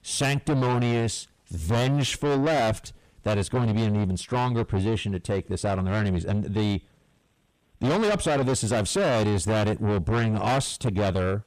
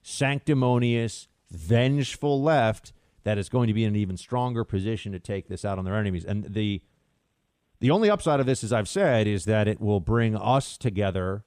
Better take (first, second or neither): second